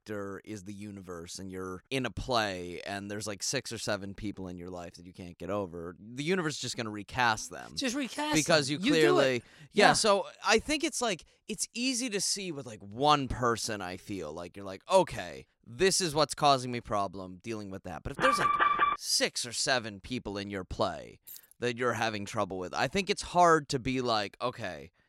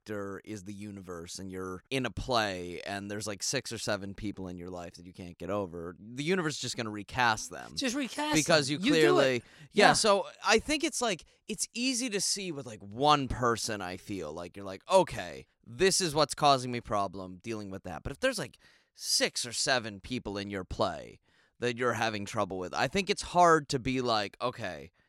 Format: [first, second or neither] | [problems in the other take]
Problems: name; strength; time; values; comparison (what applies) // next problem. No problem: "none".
second | alarm; loud; at 18 s; peak 4 dB above the speech // jangling keys; faint; at 21 s; peak 20 dB below the speech